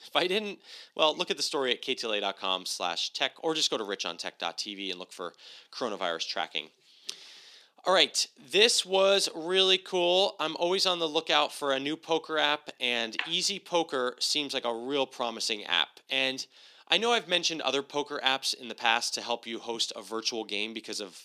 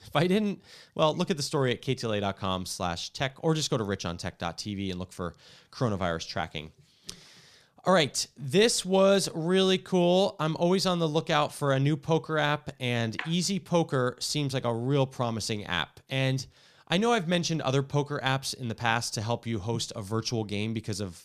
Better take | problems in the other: second | thin; somewhat; fading below 250 Hz

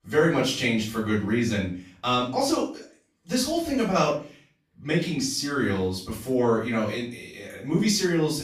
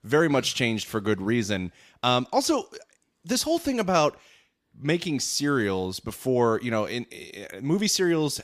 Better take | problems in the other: second | room echo; slight; dies away in 0.4 s // off-mic speech; far

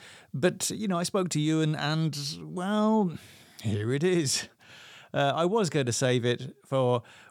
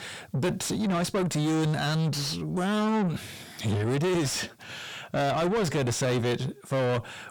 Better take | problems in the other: first | distortion; heavy; 6 dB below the speech

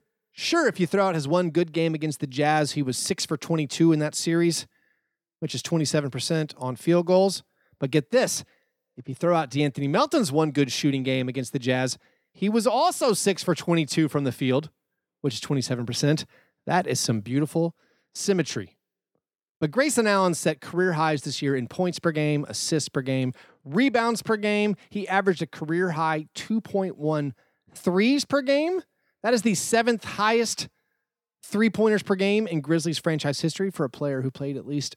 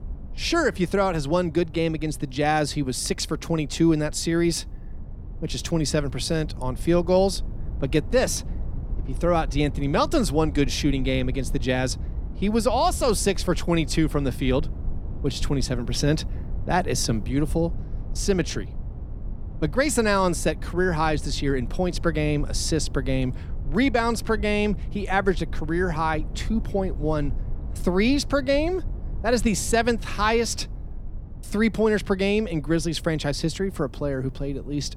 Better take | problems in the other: first | low rumble; faint; throughout; 25 dB below the speech

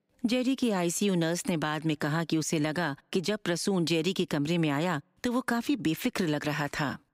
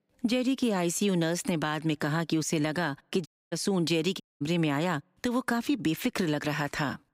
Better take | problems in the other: first | audio cutting out; at 3.5 s and at 4 s

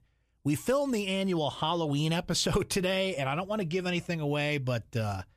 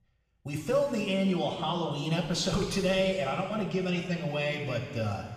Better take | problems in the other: first | room echo; noticeable; dies away in 2.2 s // off-mic speech; far

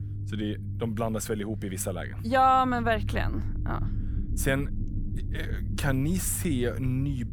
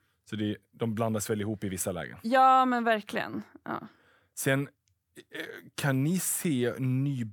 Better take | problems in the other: second | low rumble; noticeable; throughout; 20 dB below the speech

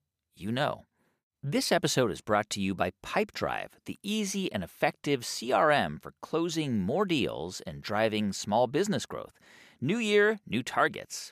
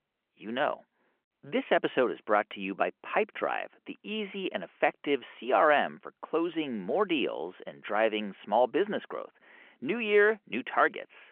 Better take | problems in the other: first | phone-call audio

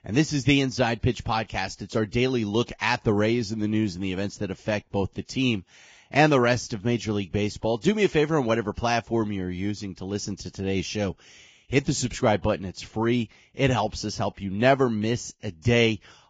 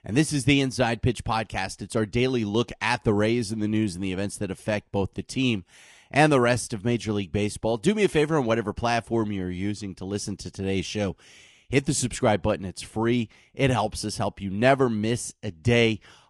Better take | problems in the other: second | garbled, watery; badly; nothing above 7.5 kHz; slightly in the second

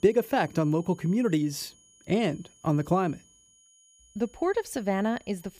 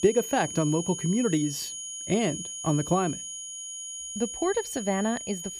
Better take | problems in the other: first | high-pitched whine; loud; throughout; 6.5 kHz, 7 dB below the speech; faint in the first

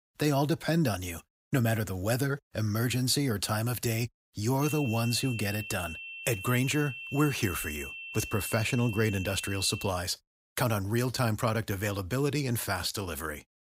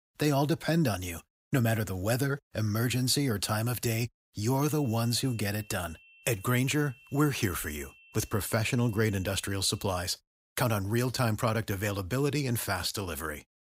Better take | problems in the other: second | high-pitched whine; loud; from 4.5 to 10 s; 2.5 kHz, 9 dB below the speech; faint in the second

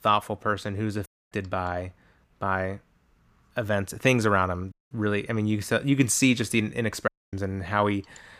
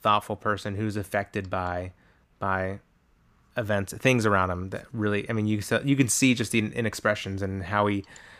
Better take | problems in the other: second | audio cutting out; at 1 s, at 4.5 s and at 7 s

